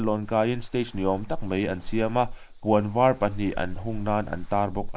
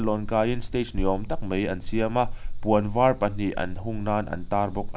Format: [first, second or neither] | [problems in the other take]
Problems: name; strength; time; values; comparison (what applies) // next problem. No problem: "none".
second | noise reduction (neural mask model Resemble Enhance denoiser)